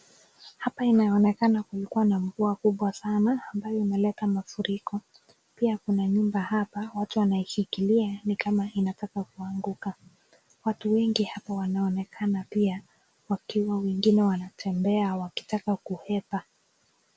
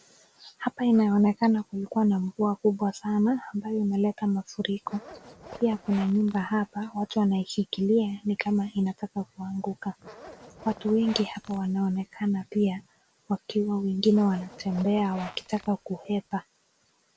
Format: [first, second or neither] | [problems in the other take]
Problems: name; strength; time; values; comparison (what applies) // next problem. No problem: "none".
first | background sound (Zipper (clothing)); 19 dB below the speech